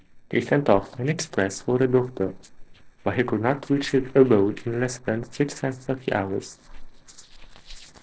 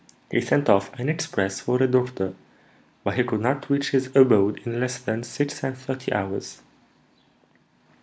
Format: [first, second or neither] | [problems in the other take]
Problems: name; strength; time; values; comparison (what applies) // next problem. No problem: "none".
second | noise reduction (neural separator model SepFormer DNS4)